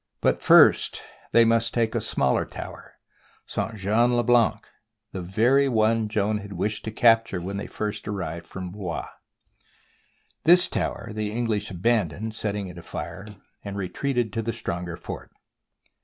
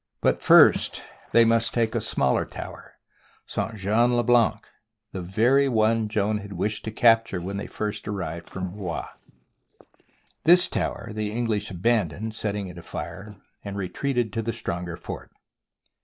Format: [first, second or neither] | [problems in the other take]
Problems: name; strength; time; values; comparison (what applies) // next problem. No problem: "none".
first | noise reduction (neural mask model Resemble Enhance denoiser)